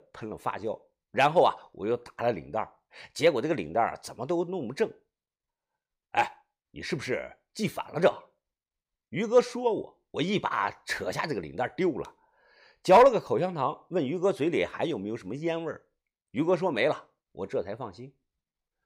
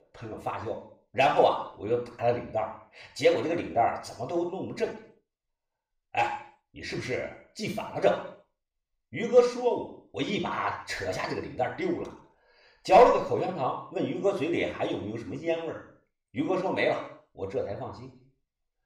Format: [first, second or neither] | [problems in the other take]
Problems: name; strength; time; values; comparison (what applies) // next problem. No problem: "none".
first | room echo; noticeable; dies away in 0.5 s // off-mic speech; far